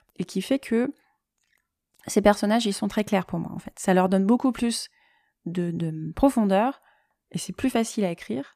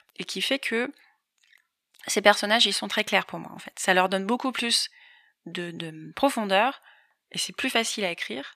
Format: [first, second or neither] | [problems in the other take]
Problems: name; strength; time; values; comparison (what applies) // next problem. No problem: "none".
first | thin; somewhat; fading below 750 Hz